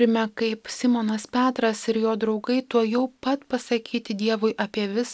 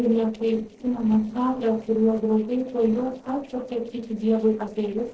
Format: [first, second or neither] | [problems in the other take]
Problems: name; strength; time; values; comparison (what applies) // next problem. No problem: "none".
first | noise reduction (neural separator model SepFormer DNS4)